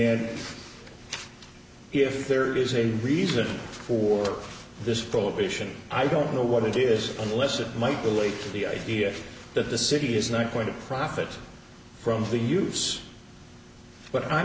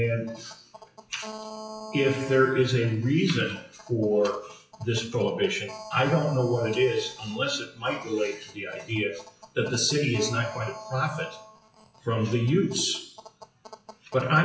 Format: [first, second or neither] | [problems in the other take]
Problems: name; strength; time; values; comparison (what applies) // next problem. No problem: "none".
first | noise reduction (classical method WPE with log-MMSE)